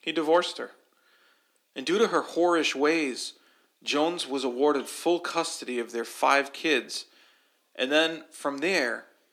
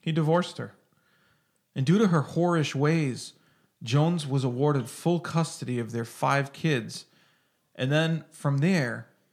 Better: second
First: thin; somewhat; fading below 300 Hz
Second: none

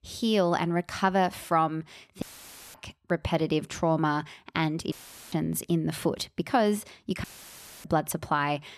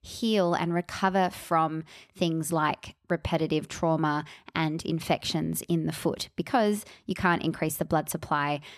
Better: second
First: audio cutting out; filled with static; at 2 s for 0.5 s, at 5 s and at 7 s for 0.5 s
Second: none

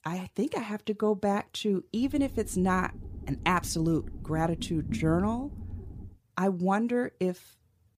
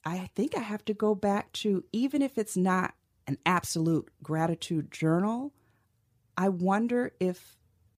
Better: second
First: low rumble; noticeable; from 2 to 6 s; 20 dB below the speech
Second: none

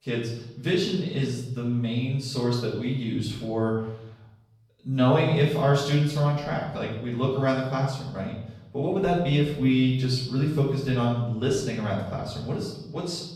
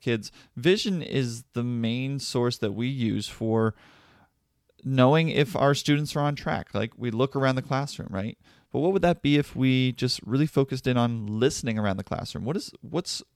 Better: second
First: off-mic speech; far // room echo; noticeable; dies away in 0.8 s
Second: none

